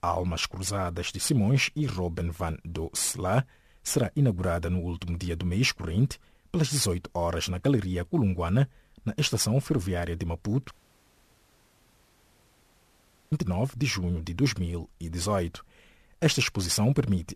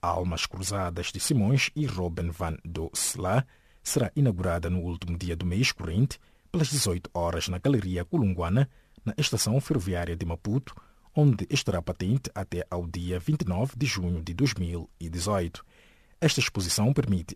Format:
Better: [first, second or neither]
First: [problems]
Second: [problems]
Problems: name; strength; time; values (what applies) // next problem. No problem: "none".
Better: second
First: audio cutting out; at 11 s for 2.5 s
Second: none